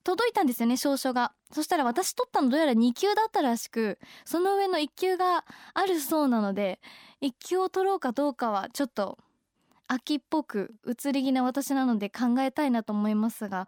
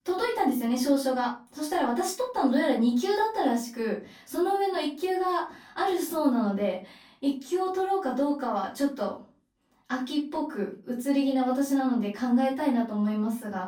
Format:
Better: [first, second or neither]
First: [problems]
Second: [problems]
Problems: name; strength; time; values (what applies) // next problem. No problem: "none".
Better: first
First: none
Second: room echo; slight; dies away in 0.3 s // off-mic speech; far